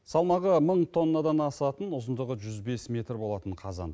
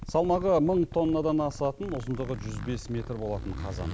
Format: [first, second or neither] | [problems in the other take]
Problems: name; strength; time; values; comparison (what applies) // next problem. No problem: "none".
first | background sound (Zipper (clothing)); 11 dB below the speech